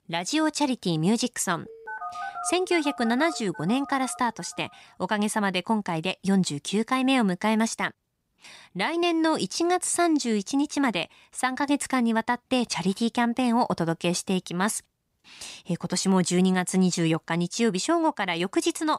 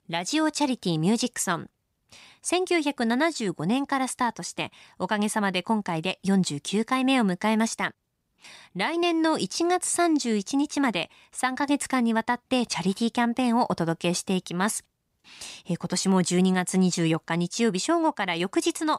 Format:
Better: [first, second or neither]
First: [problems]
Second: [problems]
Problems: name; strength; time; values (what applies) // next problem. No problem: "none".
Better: second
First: phone ringing; noticeable; from 1.5 to 4.5 s; peak 8 dB below the speech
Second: none